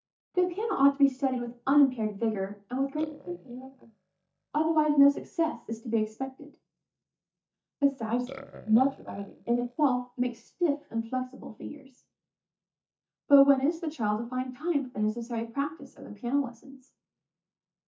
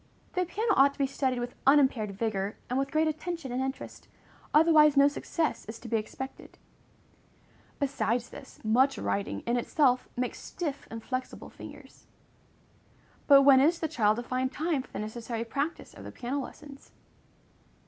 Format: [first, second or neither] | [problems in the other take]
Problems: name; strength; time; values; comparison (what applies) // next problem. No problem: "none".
second | noise reduction (neural mask model DeepFilterNet 3)